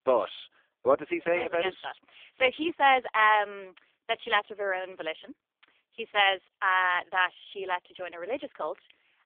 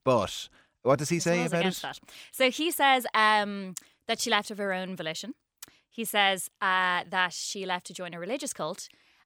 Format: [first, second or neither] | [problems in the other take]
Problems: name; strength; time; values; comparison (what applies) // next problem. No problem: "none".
second | phone-call audio; poor line; nothing above 3.5 kHz